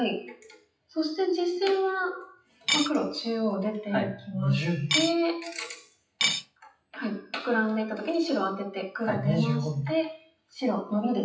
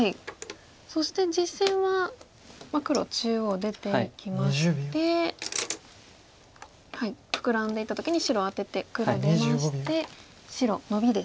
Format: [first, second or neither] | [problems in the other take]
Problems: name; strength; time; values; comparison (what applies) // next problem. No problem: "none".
second | noise reduction (classical method WPE with log-MMSE)